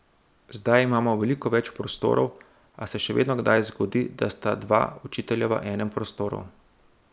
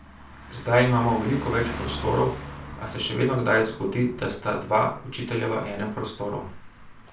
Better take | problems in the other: first | background sound (Car passing by); 13 dB below the speech // room echo; dies away in 0.3 s

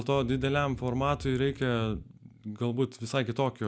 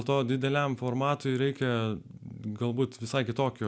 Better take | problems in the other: second | noise reduction (neural mask model DeepFilterNet 3)

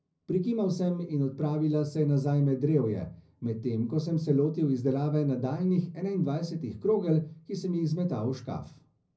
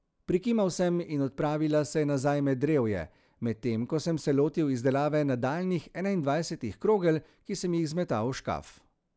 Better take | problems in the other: second | room echo; dies away in 0.4 s

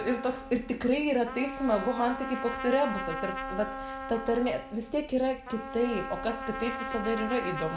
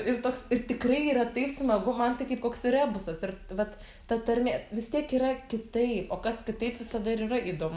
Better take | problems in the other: second | background sound (Trumpet); 8 dB below the speech

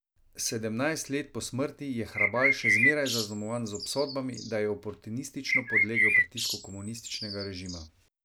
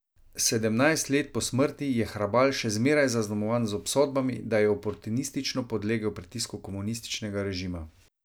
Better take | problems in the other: second | background sound (Bird); 4 dB above the speech

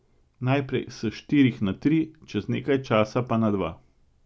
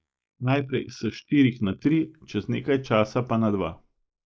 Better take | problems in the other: first | noise reduction (neural mask model Resemble Enhance denoiser)

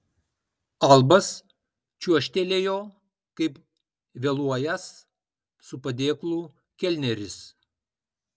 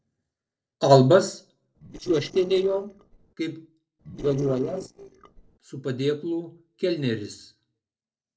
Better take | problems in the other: first | noise reduction (neural separator model SepFormer DNS4)

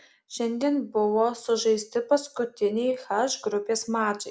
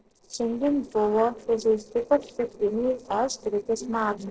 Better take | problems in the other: first | noise reduction (neural separator model SepFormer DNS4)

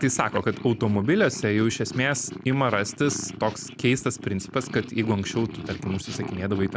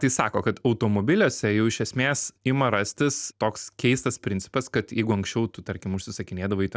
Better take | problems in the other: second | background sound (Purr); 12 dB below the speech

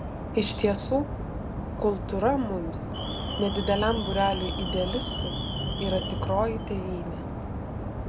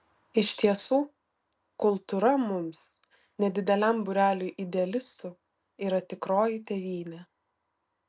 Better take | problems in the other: second | background sound (Alarm); 2 dB below the speech

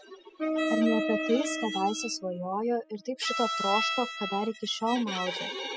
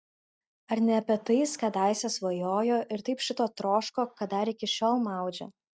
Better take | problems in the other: second | noise reduction (classical method spectral subtraction)

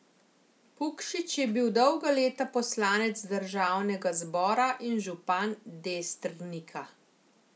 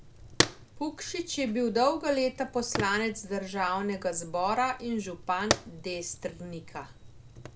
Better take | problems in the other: first | background sound (Fire); 6 dB below the speech

